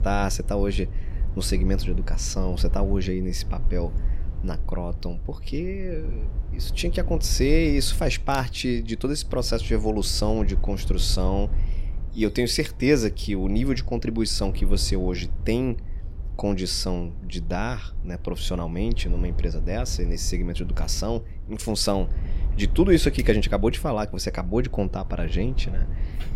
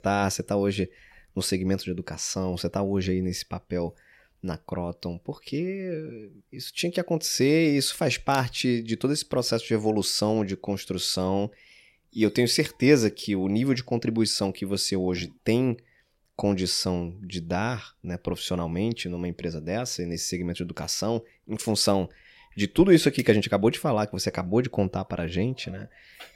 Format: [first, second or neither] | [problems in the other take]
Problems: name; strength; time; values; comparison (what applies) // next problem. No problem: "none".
second | low rumble; noticeable; throughout; 20 dB below the speech